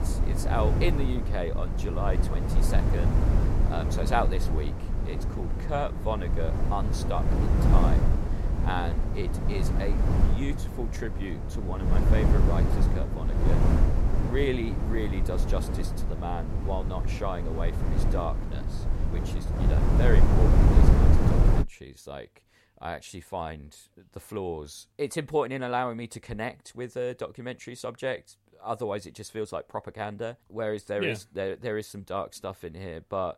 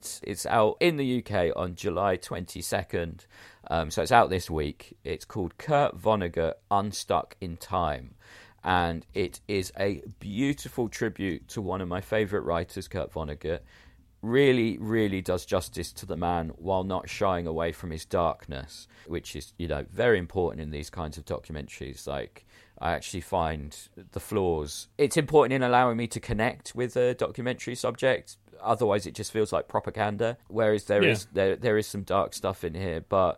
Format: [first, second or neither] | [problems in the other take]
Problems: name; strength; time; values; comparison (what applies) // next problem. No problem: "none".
second | wind noise on the microphone; heavy; until 22 s; 3 dB below the speech